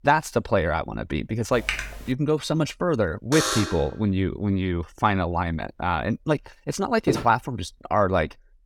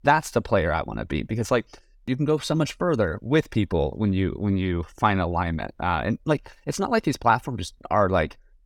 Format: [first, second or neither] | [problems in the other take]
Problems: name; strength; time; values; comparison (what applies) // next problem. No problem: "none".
second | keyboard typing; noticeable; at 1.5 s; peak 3 dB below the speech // alarm; loud; at 3.5 s; peak 1 dB above the speech // footsteps; noticeable; at 7 s; peak 2 dB below the speech